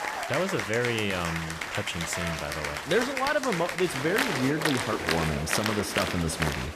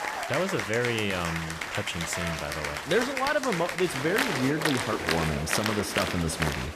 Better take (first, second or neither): neither